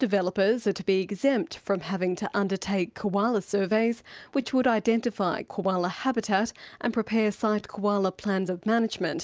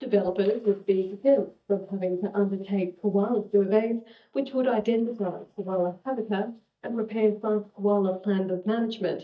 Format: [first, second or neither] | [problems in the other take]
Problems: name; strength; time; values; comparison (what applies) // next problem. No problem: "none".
first | noise reduction (neural mask model DeepFilterNet 3)